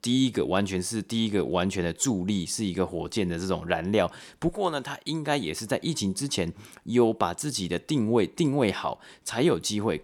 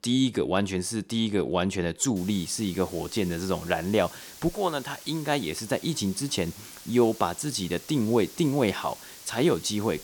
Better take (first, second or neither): first